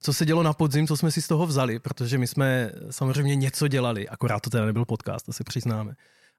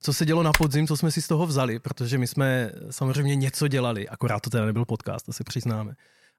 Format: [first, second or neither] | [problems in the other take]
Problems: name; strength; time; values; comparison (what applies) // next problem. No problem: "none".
first | keyboard typing; noticeable; at 0.5 s; peak level with the speech